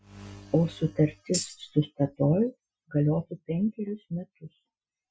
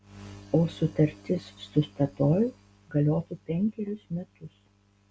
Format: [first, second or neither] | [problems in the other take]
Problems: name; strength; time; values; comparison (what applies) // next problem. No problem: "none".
second | noise reduction (classical method Wiener filter)